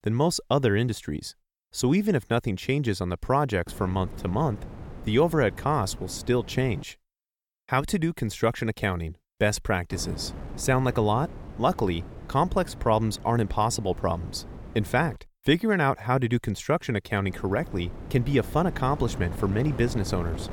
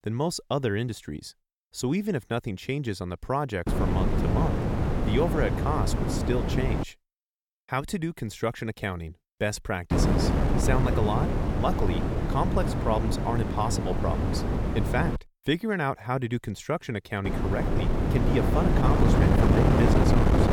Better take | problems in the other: first | wind noise on the microphone; heavy; from 3.5 to 7 s, from 10 to 15 s and from 17 s on; as loud as the speech; occasional gusts in the first

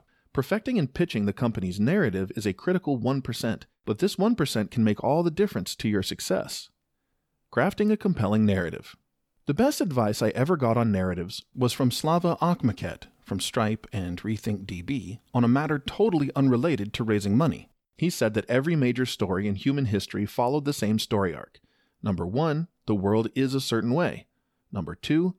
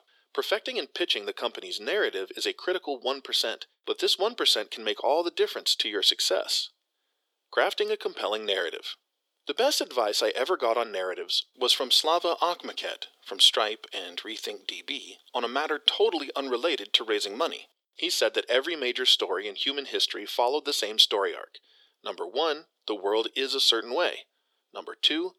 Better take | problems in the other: first | thin; very; fading below 350 Hz

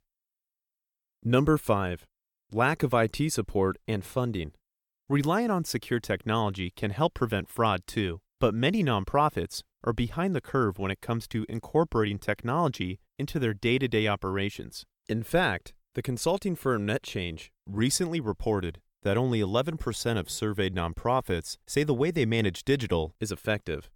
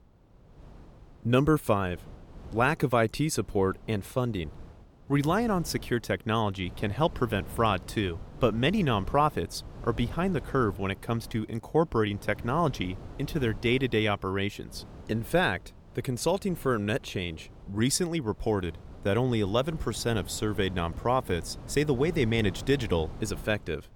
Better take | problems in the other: first | wind noise on the microphone; occasional gusts; 20 dB below the speech

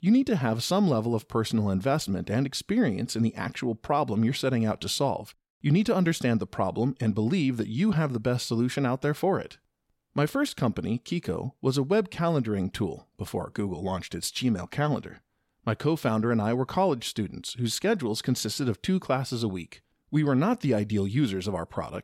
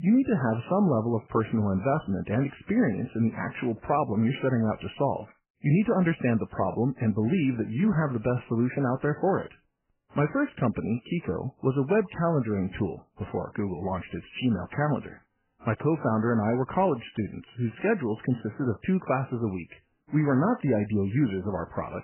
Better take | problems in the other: first | garbled, watery; badly; nothing above 3 kHz

